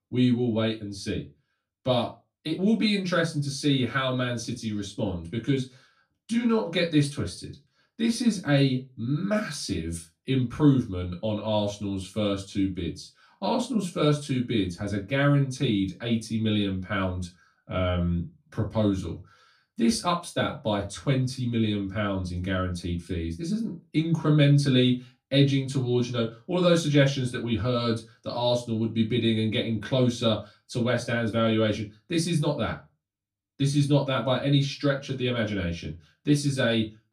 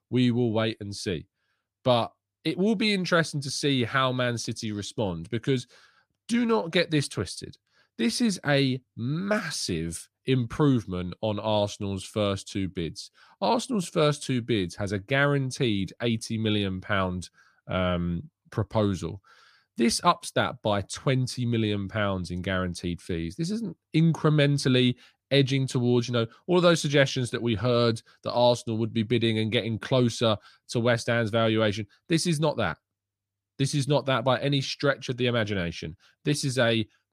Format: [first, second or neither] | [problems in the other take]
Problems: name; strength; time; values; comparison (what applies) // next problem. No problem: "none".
second | off-mic speech; far // room echo; very slight; dies away in 0.2 s